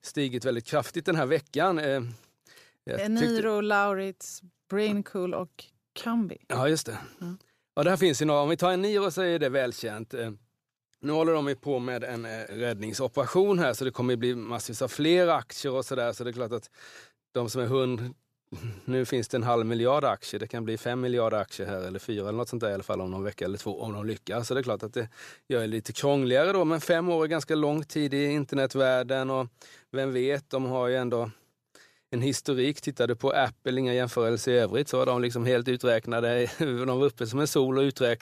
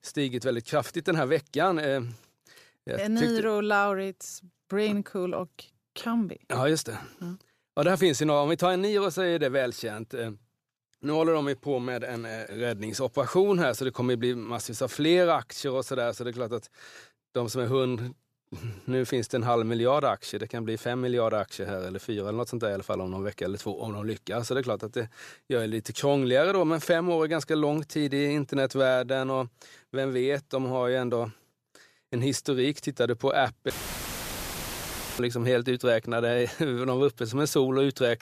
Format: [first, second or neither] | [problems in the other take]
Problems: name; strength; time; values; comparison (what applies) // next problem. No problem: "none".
first | audio cutting out; filled with static; at 34 s for 1.5 s